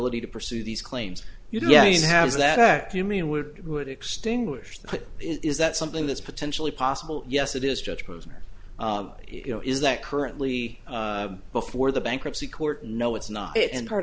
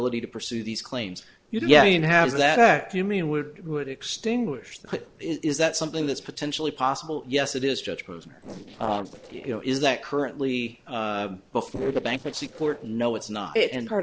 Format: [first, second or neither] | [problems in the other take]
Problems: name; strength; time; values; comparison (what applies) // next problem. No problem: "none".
first | noise reduction (neural separator model SepFormer DNS4)